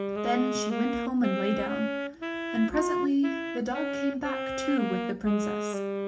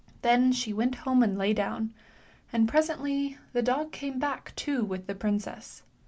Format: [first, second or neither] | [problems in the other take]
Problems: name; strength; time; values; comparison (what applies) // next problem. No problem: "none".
second | background sound (Wind instrument, woodwind instrument); 2 dB below the speech // room echo; dies away in 0.4 s